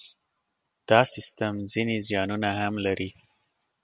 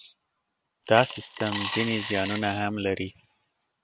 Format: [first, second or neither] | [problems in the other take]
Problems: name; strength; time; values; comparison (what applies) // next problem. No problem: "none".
first | background sound (Coin (dropping) / Glass); 7 dB below the speech